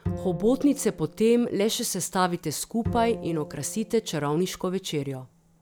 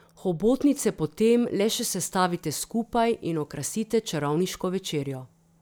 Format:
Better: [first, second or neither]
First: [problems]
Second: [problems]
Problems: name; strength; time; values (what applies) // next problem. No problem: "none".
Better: second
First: background sound (Bowed string instrument); 13 dB below the speech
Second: none